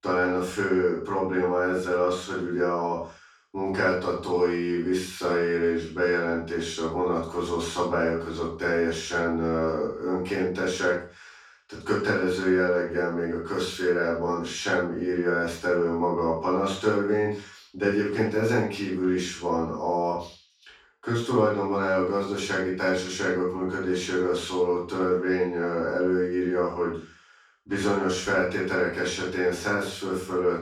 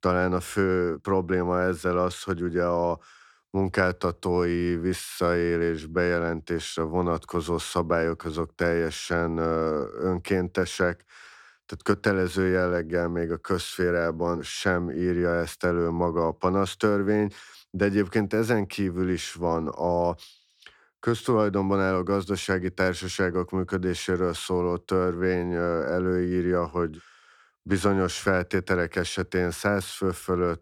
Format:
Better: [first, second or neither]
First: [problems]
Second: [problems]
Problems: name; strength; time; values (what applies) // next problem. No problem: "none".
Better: second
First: room echo; noticeable; dies away in 0.4 s // off-mic speech; far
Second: none